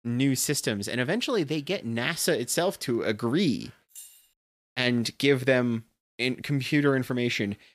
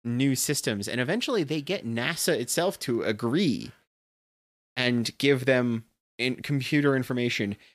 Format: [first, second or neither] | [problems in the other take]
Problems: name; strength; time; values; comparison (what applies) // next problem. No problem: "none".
second | jangling keys; faint; at 4 s; peak 20 dB below the speech